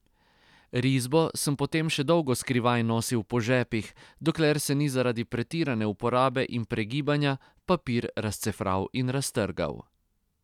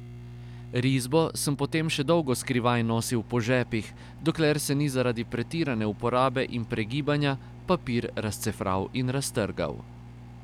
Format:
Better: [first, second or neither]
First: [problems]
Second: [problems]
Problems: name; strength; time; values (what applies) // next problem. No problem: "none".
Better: first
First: none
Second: background sound (Microwave oven); 16 dB below the speech